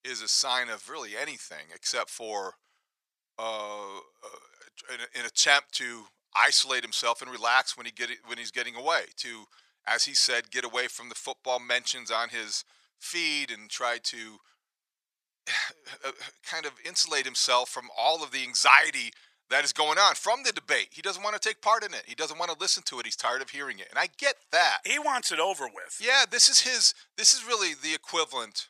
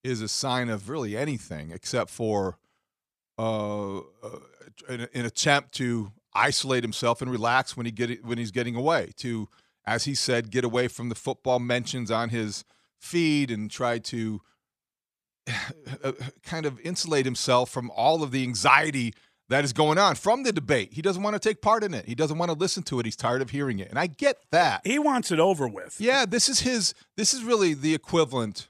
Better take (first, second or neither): second